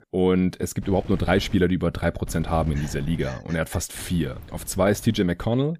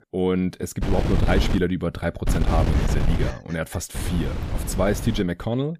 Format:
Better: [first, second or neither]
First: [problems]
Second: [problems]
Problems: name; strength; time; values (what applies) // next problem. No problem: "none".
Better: first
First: wind noise on the microphone; occasional gusts; at 1 s, from 2.5 to 3.5 s and from 4 to 5 s; 20 dB below the speech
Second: wind noise on the microphone; heavy; at 1 s, from 2.5 to 3.5 s and from 4 to 5 s; 6 dB below the speech